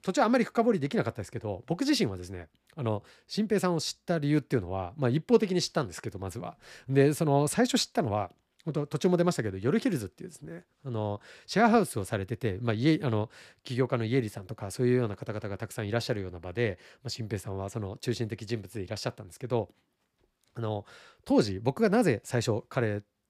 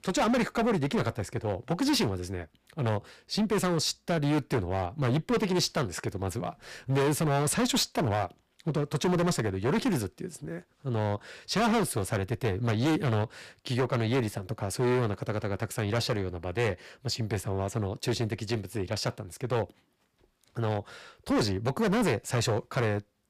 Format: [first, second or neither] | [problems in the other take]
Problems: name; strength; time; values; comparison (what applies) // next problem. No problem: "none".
first | distortion; heavy; 13% of the sound clipped